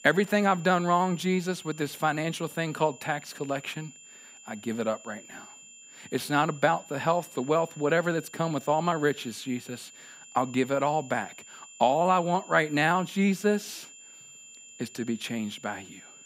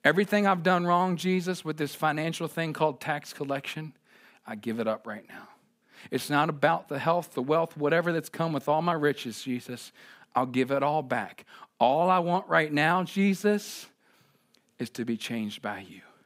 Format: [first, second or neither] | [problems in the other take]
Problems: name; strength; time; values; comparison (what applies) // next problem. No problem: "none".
second | high-pitched whine; noticeable; throughout; 7 kHz, 20 dB below the speech